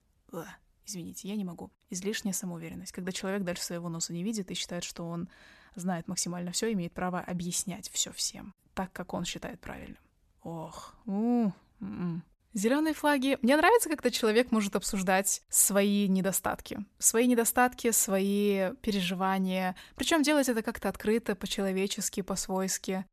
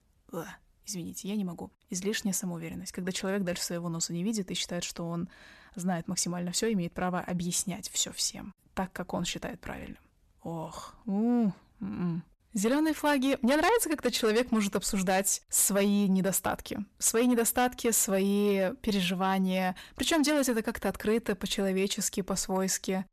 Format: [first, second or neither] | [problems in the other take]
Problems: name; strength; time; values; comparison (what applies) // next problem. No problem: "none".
first | distortion; slight; 10 dB below the speech